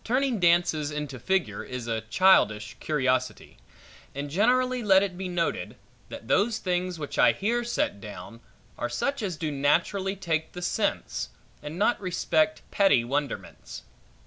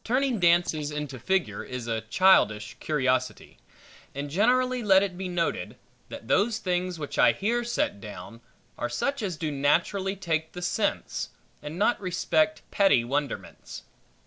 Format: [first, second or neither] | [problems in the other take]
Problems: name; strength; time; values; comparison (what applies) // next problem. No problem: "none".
first | noise reduction (neural separator model SepFormer DNS4)